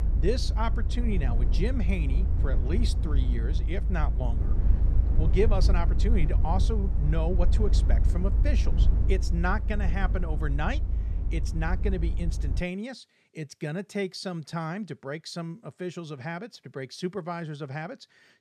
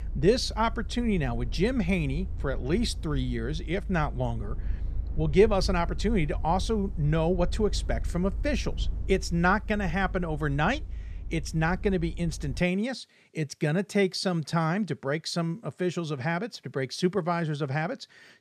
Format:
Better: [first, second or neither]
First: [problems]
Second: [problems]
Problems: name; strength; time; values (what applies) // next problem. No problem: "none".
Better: second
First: low rumble; loud; until 13 s; 9 dB below the speech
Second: low rumble; faint; until 13 s; 25 dB below the speech